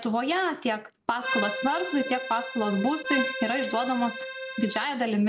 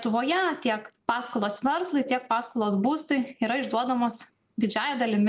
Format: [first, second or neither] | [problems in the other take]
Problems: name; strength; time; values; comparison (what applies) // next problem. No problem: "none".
second | background sound (Accordion); 5 dB below the speech